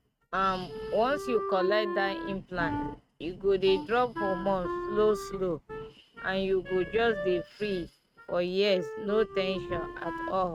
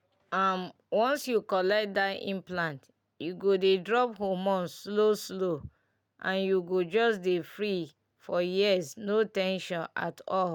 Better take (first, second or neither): second